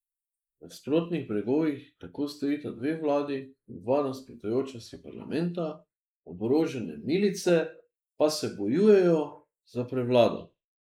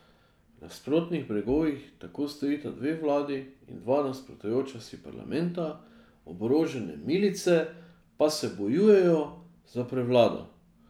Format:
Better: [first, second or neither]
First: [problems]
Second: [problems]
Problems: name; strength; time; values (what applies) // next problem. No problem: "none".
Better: second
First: noise reduction (neural mask model Resemble Enhance denoiser)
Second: none